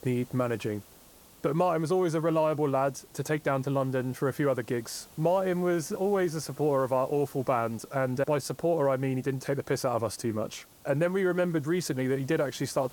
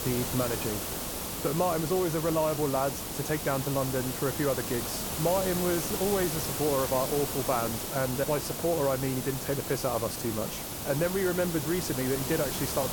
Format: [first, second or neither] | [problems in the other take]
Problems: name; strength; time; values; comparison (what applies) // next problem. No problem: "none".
first | hiss; loud; throughout; 3 dB below the speech; faint in the first